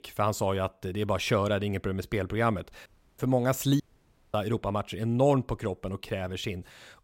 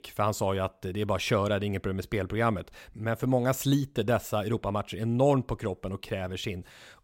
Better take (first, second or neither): second